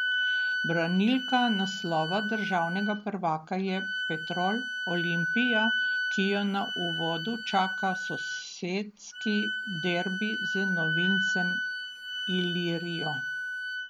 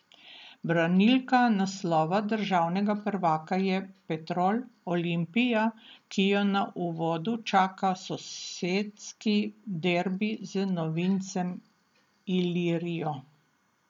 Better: second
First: background sound (Wind instrument, woodwind instrument); 1 dB below the speech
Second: none

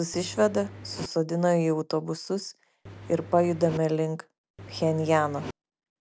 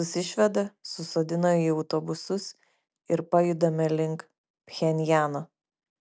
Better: second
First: background sound (Engine); 14 dB below the speech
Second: none

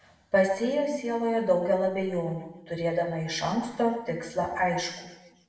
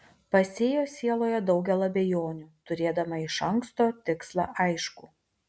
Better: second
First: room echo; dies away in 0.9 s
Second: none

